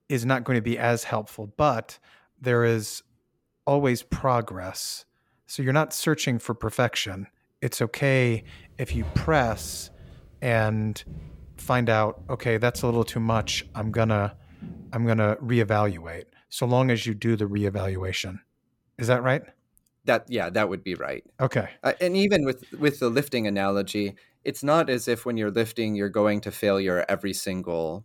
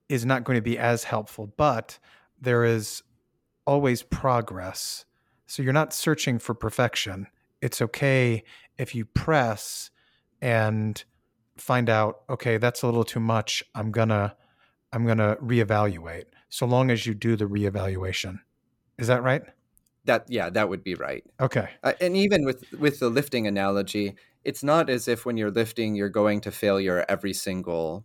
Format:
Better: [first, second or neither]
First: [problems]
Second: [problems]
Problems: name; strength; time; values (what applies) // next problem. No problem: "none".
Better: second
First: footsteps; noticeable; from 8.5 to 15 s; peak 8 dB below the speech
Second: none